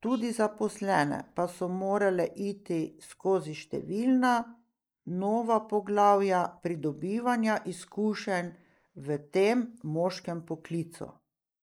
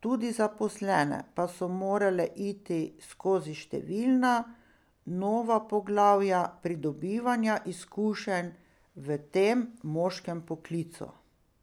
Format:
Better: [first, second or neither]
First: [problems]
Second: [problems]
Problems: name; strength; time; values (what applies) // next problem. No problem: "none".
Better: second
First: noise reduction (neural mask model Resemble Enhance denoiser)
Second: none